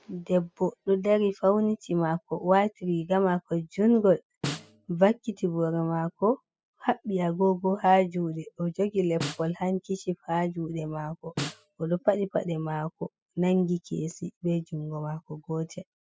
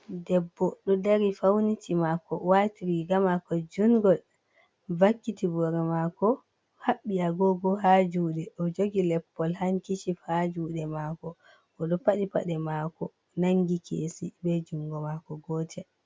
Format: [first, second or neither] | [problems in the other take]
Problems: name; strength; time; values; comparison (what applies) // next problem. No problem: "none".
second | noise reduction (classical method spectral subtraction)